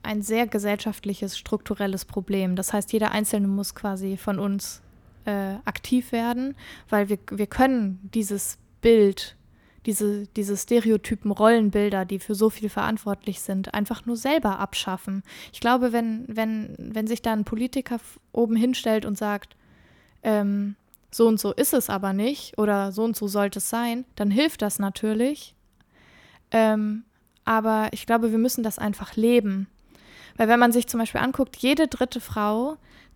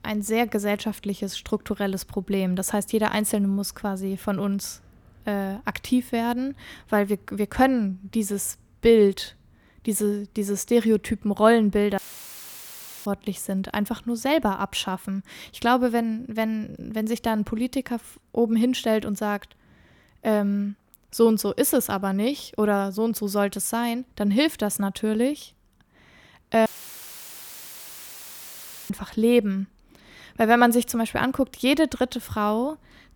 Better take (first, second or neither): first